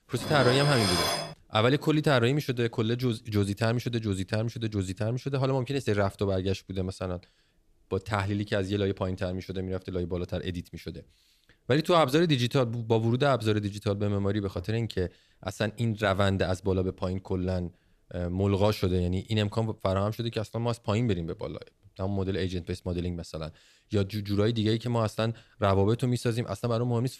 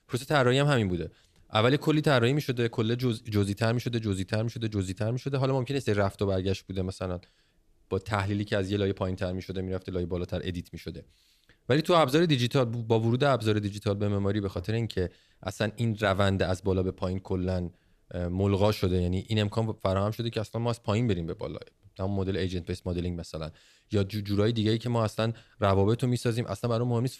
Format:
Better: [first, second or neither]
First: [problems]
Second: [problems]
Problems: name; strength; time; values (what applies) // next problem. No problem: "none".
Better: second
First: clattering dishes; loud; until 1.5 s; peak 3 dB above the speech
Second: none